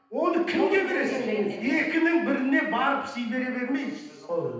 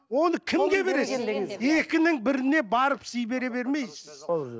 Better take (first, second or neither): second